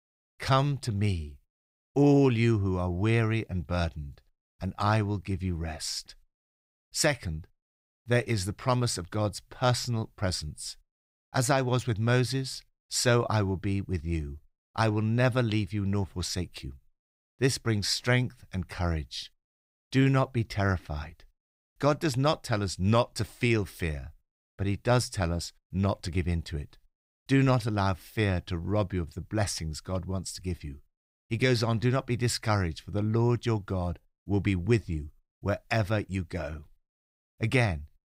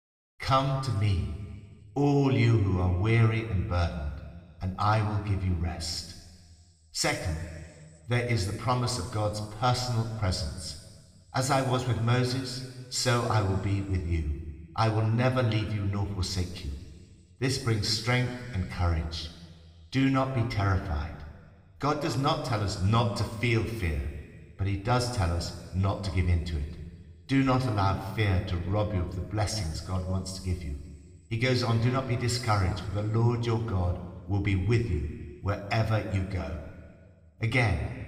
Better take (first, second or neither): first